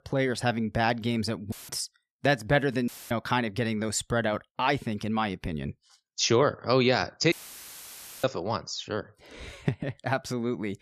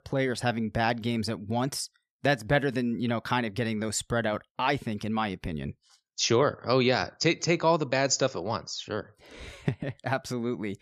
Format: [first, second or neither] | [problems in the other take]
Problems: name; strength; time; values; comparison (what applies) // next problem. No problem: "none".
second | audio cutting out; filled with static; at 1.5 s, at 3 s and at 7.5 s for 1 s